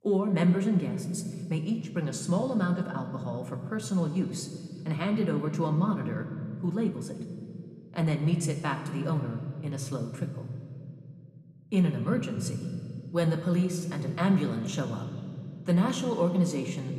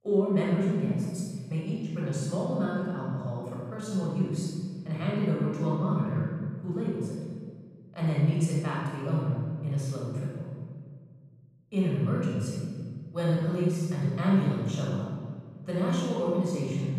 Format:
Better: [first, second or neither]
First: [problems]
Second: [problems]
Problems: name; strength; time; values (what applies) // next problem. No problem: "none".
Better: first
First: room echo; slight; dies away in 2 s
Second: room echo; strong; dies away in 1.7 s // off-mic speech; far